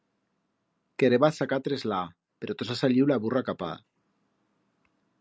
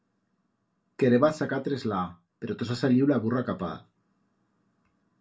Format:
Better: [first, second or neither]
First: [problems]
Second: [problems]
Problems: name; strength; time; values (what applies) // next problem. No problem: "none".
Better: first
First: none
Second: room echo; dies away in 0.2 s